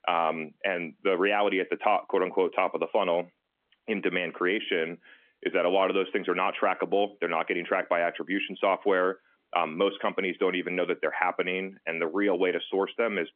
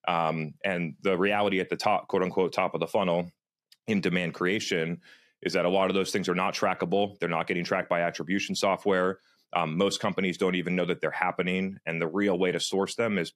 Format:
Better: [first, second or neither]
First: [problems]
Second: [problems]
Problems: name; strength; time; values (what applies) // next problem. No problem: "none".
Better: second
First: phone-call audio; nothing above 3.5 kHz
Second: none